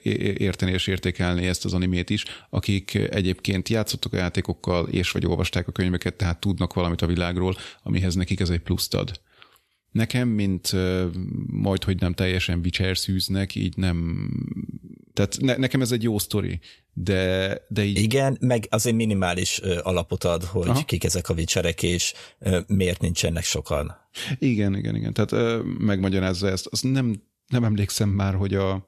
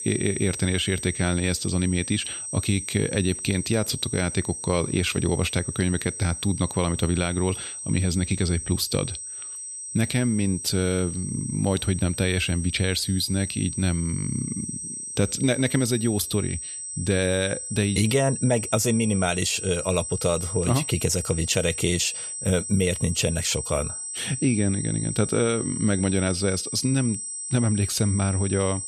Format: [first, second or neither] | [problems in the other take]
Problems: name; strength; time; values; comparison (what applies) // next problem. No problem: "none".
first | high-pitched whine; loud; throughout; 8 kHz, 6 dB below the speech